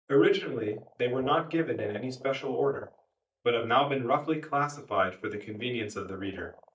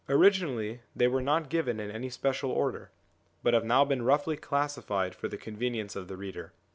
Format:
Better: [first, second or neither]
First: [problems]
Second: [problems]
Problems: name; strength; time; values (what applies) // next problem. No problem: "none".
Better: second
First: noise reduction (neural mask model DeepFilterNet 3)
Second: none